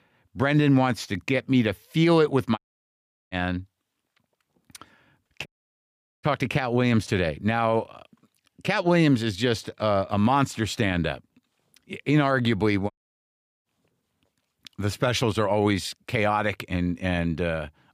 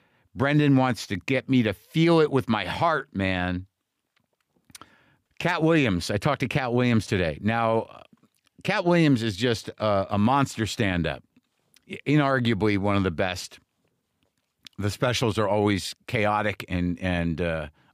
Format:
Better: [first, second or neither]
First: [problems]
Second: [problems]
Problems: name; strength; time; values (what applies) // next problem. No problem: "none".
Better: second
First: audio cutting out; at 2.5 s for 0.5 s, at 5.5 s for 1 s and at 13 s for 0.5 s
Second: none